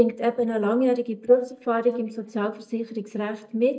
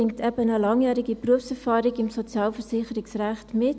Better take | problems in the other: second | noise reduction (neural mask model DeepFilterNet 3)

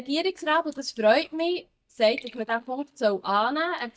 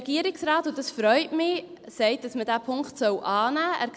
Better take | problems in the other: second | noise reduction (neural mask model DeepFilterNet 3)

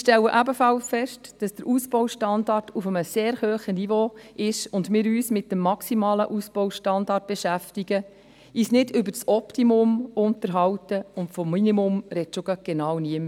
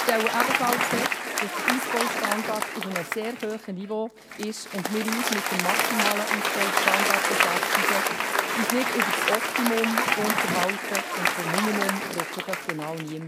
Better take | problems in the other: first | background sound (Applause); 4 dB above the speech

